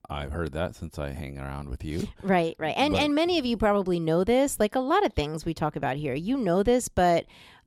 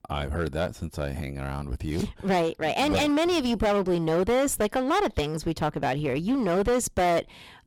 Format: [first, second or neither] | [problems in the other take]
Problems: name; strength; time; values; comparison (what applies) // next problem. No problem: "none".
first | distortion; heavy; 15% of the sound clipped